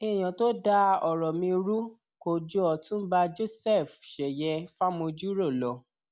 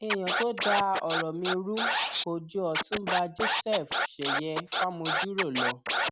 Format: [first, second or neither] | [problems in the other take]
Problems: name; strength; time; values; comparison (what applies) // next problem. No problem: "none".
first | background sound (Scratching (performance technique)); 1 dB above the speech